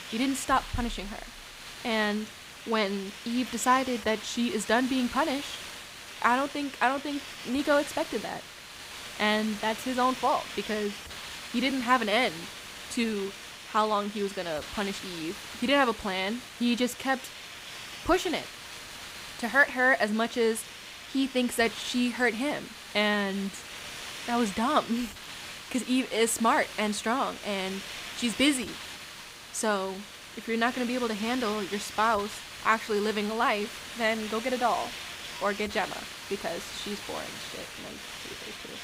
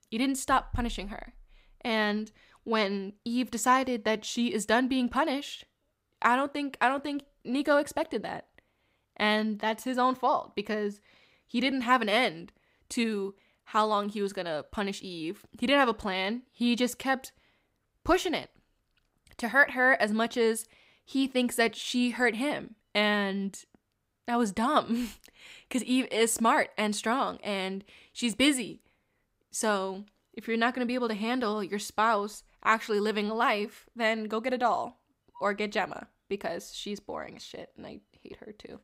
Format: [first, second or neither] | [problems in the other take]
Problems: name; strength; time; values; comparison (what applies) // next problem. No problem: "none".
second | hiss; noticeable; throughout; 10 dB below the speech